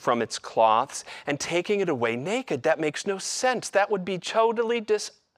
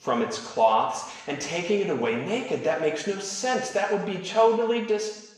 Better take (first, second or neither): first